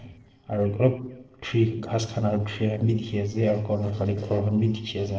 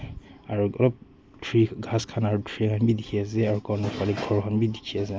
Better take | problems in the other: second | noise reduction (neural separator model SepFormer DNS4)

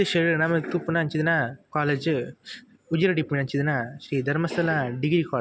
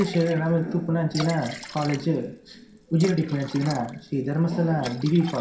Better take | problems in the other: first | background sound (Liquid); 15 dB below the speech // room echo; dies away in 0.5 s

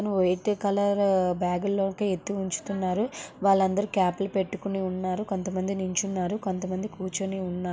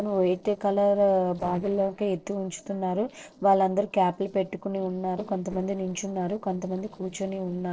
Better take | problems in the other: first | noise reduction (neural separator model SepFormer DNS4)

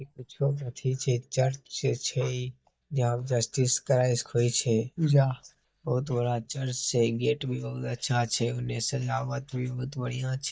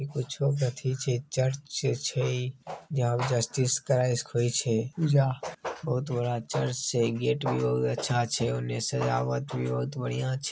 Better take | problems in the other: second | noise reduction (neural mask model DeepFilterNet 3)

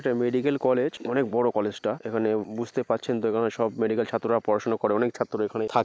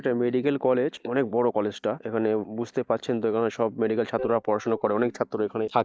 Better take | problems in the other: first | noise reduction (neural mask model DeepFilterNet 3)

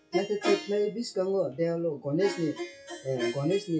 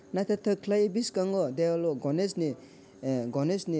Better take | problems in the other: second | noise reduction (classical method WPE with log-MMSE)

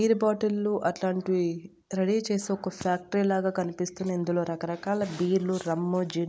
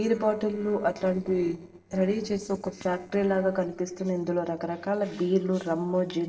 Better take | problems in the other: first | noise reduction (neural separator model SepFormer DNS4)

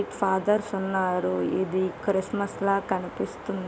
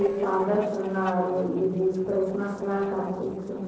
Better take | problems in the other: first | noise reduction (neural separator model SepFormer DNS4)

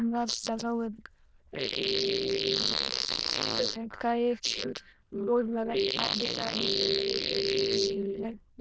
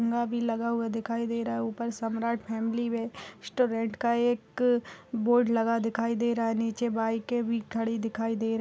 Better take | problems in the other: second | noise reduction (neural diffusion model UNIVERSE++)

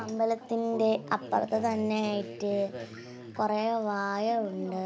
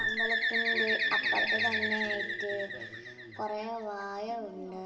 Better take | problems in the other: first | background sound (Bird); 4 dB above the speech // room echo; dies away in 0.8 s

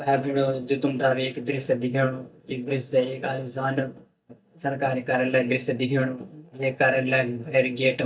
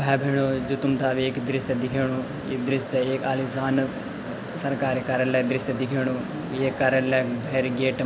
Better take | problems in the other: second | noise reduction (neural mask model DeepFilterNet 3)

